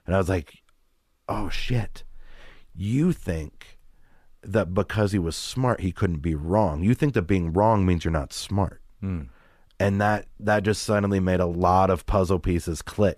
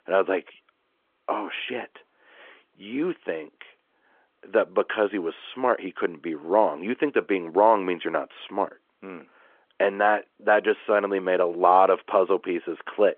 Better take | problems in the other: first | phone-call audio

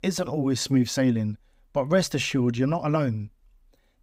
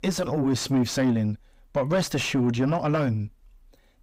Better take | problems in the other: first | distortion; slight; 9 dB below the speech

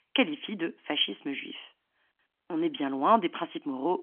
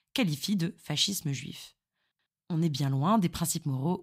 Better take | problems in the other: second | phone-call audio; nothing above 3.5 kHz

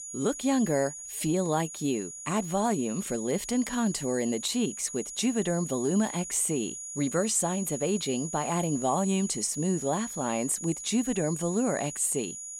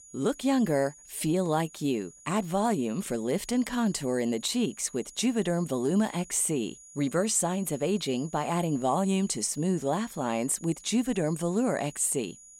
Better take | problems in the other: second | high-pitched whine; loud; throughout; 7 kHz, 8 dB below the speech; faint in the second

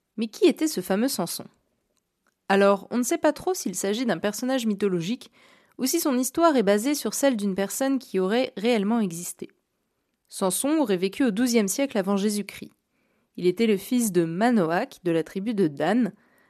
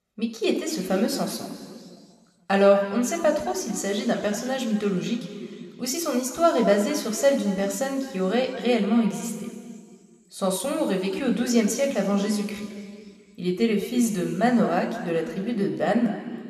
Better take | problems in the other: first | room echo; slight; dies away in 2.2 s

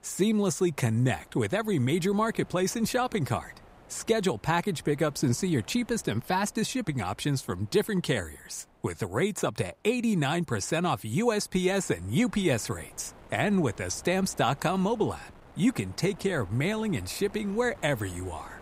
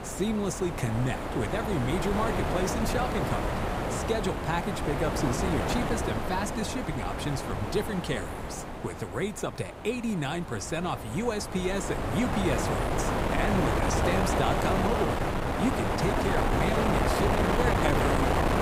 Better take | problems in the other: first | wind noise on the microphone; heavy; 4 dB above the speech; occasional gusts in the first

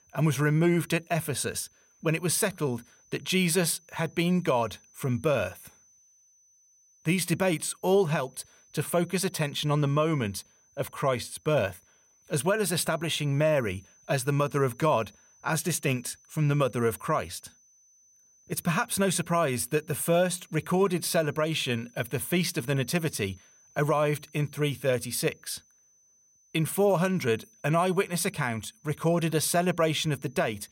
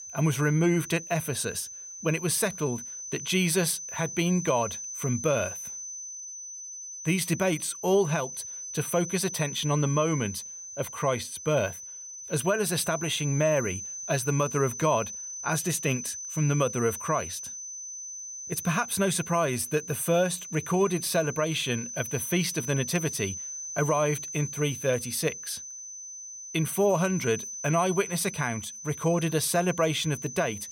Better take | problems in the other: first | high-pitched whine; loud; throughout; 6 kHz, 8 dB below the speech; faint in the first

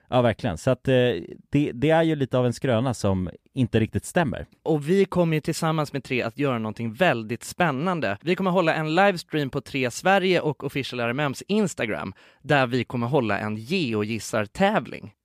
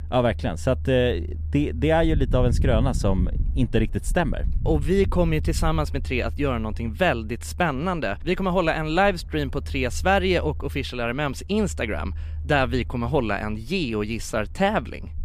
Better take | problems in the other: first | low rumble; faint; throughout; 20 dB below the speech

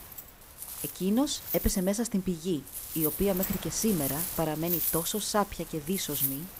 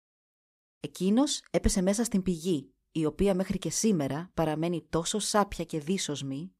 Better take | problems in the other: second | wind noise on the microphone; heavy; 7 dB below the speech

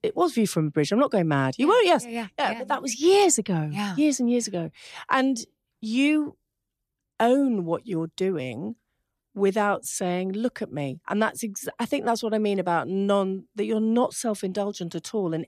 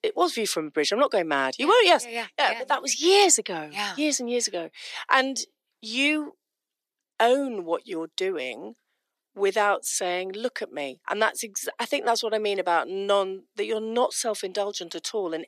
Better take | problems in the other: first | thin; somewhat; fading below 350 Hz

